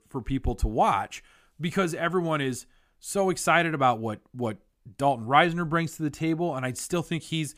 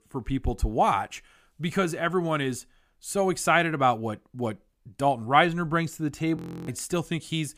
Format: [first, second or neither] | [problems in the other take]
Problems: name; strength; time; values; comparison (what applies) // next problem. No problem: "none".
first | audio freezing; at 6.5 s